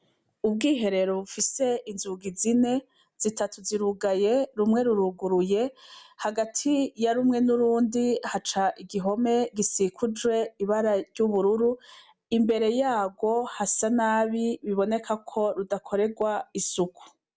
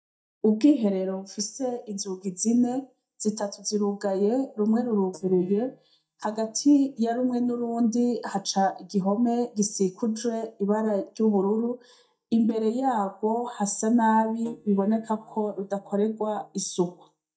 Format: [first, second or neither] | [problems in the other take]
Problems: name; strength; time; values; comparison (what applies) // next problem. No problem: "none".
first | noise reduction (neural mask model DeepFilterNet 3)